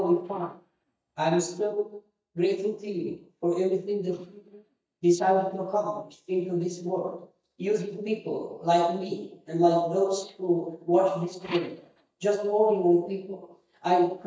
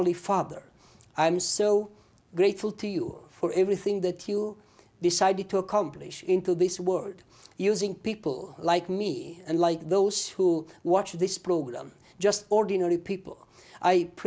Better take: second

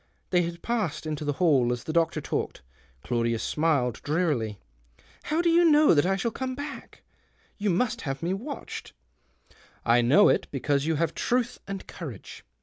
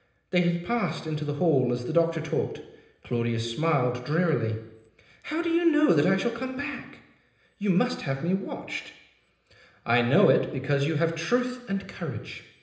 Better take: first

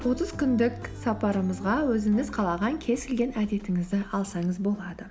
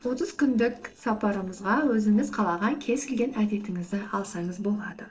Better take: first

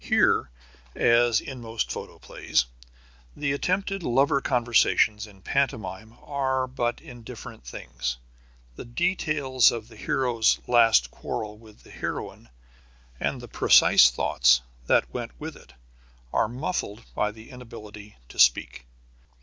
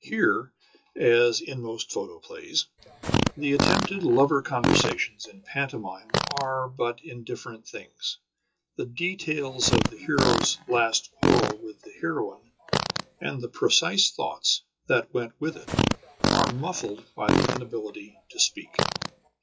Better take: first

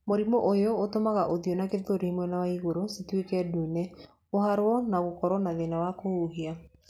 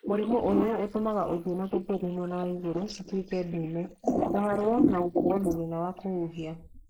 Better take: first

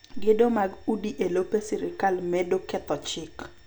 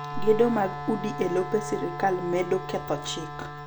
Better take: first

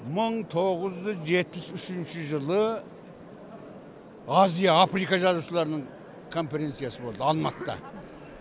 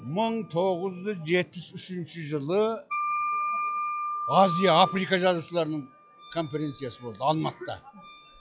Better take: first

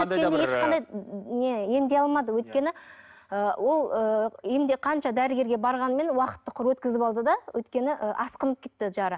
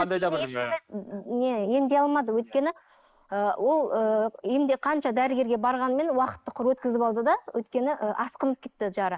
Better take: first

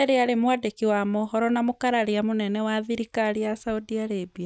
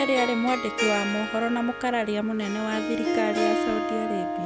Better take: first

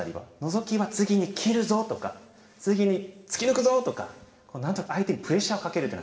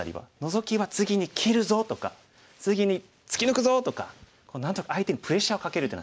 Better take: second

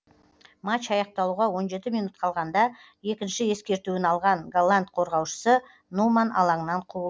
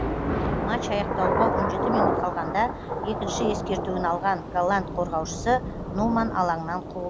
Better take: first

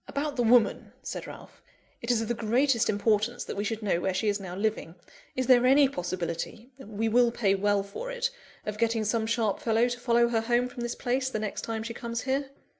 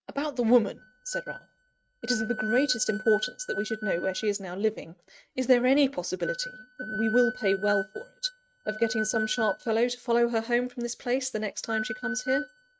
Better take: first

